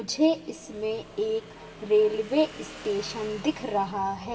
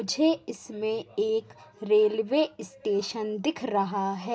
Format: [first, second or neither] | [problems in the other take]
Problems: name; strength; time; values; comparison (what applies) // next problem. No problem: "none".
second | background sound (Motorcycle / Engine); 18 dB below the speech // room echo; dies away in 1.6 s